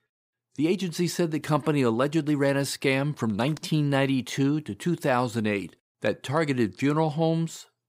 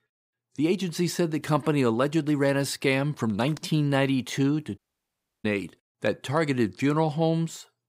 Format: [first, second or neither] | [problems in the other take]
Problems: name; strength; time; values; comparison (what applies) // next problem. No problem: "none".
first | audio cutting out; at 5 s for 0.5 s